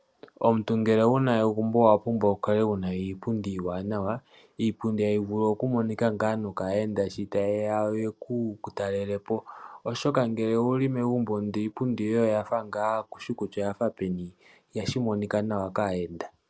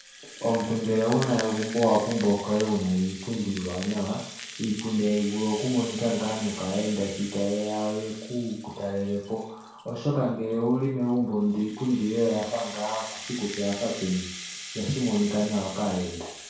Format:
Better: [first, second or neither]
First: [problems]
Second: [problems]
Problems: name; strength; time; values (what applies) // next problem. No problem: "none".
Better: first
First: none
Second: background sound (Rattle (instrument)); 14 dB below the speech // room echo; dies away in 0.6 s